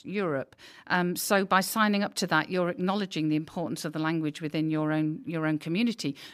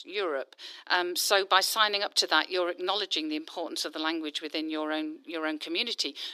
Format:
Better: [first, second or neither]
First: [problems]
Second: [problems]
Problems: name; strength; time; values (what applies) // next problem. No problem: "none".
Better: first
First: none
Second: thin; very; fading below 350 Hz